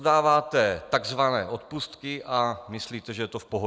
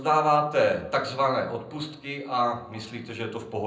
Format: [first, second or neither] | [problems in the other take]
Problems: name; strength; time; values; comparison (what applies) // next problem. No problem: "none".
first | room echo; dies away in 0.6 s